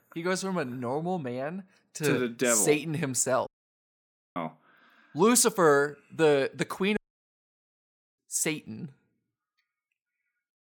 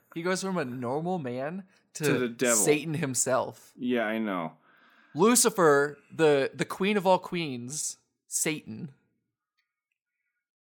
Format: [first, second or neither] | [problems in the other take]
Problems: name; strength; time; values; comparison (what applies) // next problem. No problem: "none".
second | audio cutting out; at 3.5 s for 1 s and at 7 s for 1 s